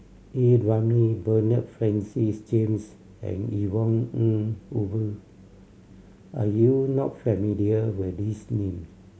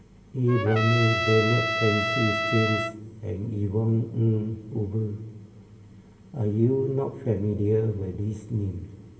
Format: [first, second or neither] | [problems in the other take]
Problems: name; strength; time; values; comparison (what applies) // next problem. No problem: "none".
first | background sound (Trumpet); 2 dB below the speech // room echo; dies away in 2.8 s